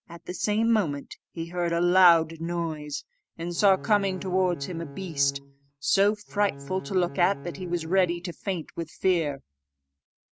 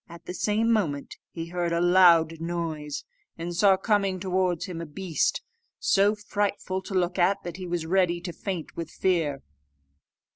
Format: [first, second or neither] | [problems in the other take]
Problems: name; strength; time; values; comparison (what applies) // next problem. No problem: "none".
second | noise reduction (neural mask model RNNoise)